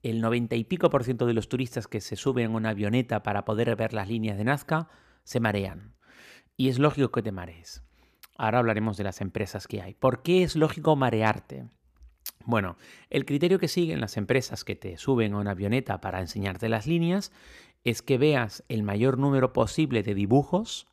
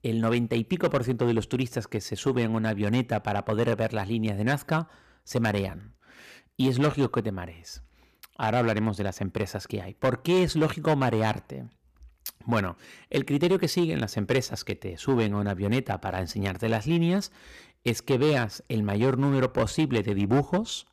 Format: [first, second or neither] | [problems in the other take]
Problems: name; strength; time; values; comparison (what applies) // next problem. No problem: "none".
first | distortion; slight; 5% of the sound clipped